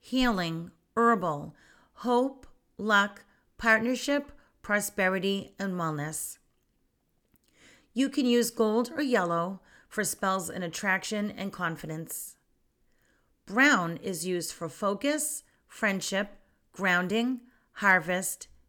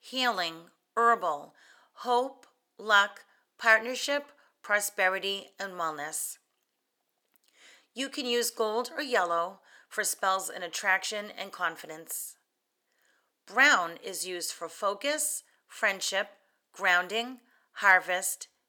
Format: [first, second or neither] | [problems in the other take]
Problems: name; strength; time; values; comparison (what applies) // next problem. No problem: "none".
first | thin; somewhat; fading below 550 Hz